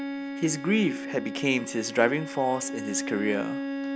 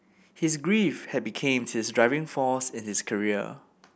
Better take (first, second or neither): second